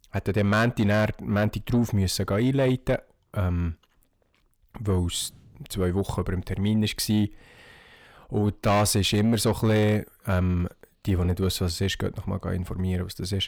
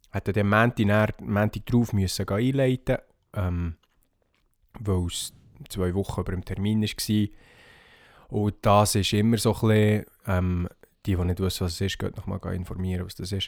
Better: second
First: distortion; slight; 10 dB below the speech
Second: none

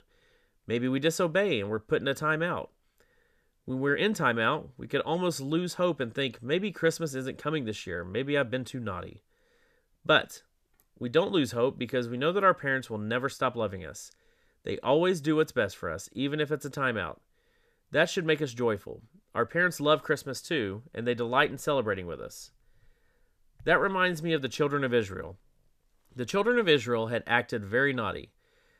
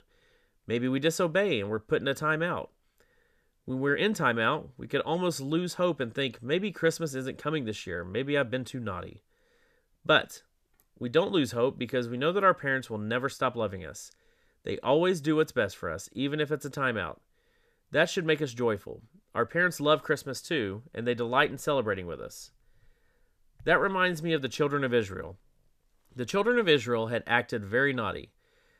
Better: neither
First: none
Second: none

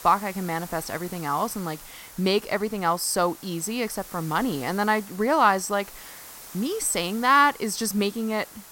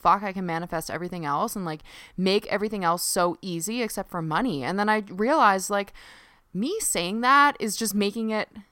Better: second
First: hiss; noticeable; throughout; 15 dB below the speech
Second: none

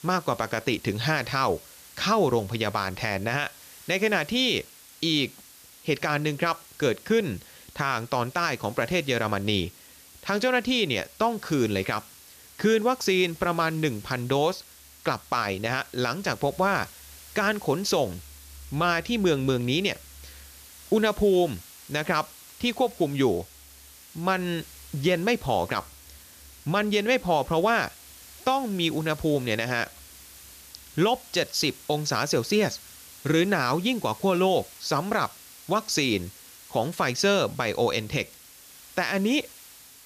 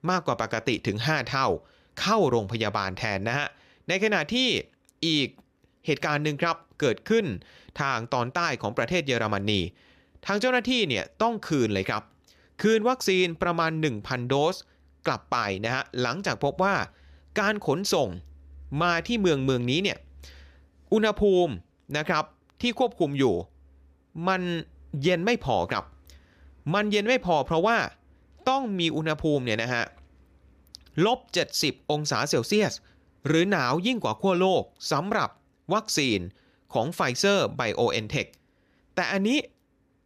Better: second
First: hiss; noticeable; throughout; 20 dB below the speech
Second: none

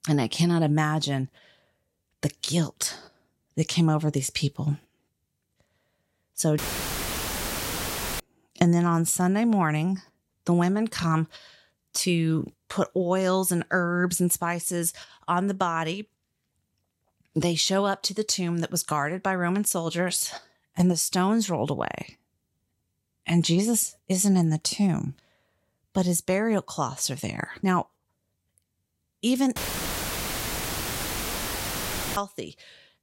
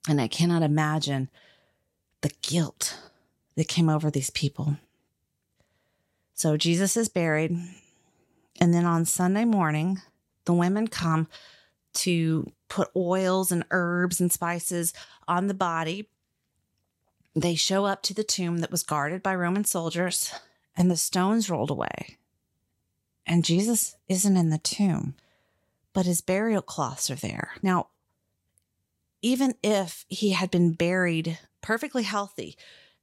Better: second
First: audio cutting out; filled with static; at 6.5 s for 1.5 s and at 30 s for 2.5 s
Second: none

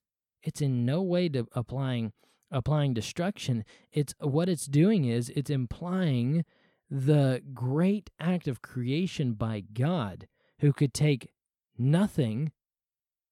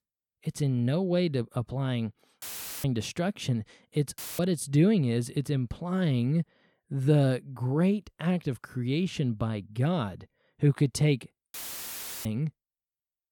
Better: first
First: none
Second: audio cutting out; filled with static; at 2.5 s, at 4 s and at 12 s for 0.5 s

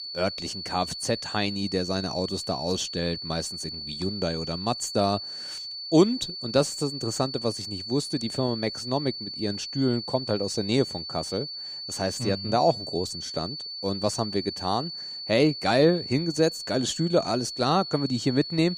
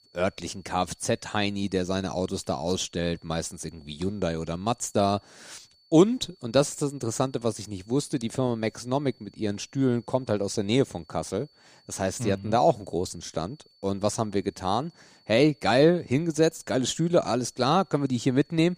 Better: second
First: high-pitched whine; loud; throughout; 4.5 kHz, 6 dB below the speech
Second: high-pitched whine; faint; throughout; 4.5 kHz, 30 dB below the speech

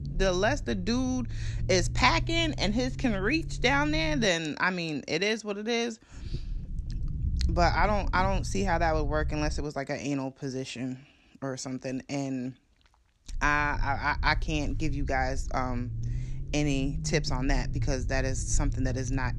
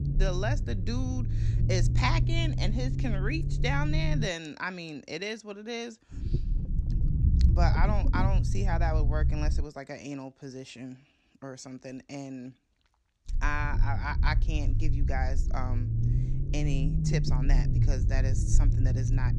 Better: first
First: low rumble; faint; until 4.5 s, from 6 to 9.5 s and from 13 s on; 20 dB below the speech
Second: low rumble; loud; until 4.5 s, from 6 to 9.5 s and from 13 s on; 7 dB below the speech

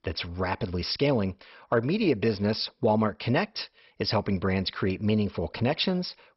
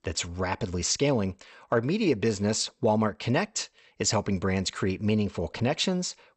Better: second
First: garbled, watery; badly; nothing above 5.5 kHz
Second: garbled, watery; slightly; nothing above 8 kHz

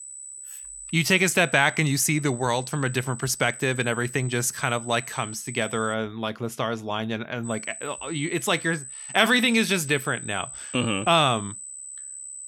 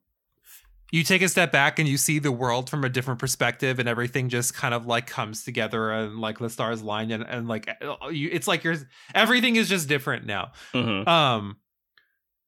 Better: second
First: high-pitched whine; noticeable; until 6 s and from 7.5 s on; 8 kHz, 10 dB below the speech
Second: none

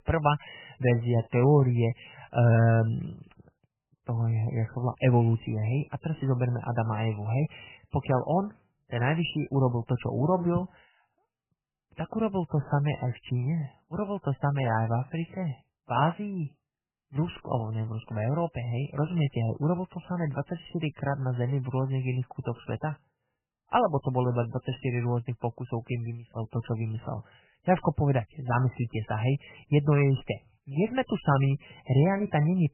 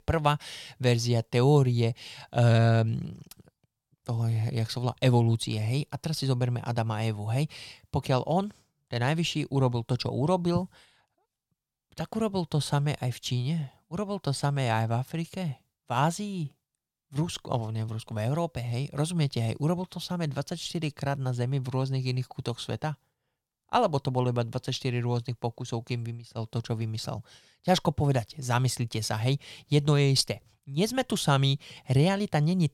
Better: second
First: garbled, watery; badly; nothing above 3 kHz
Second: none

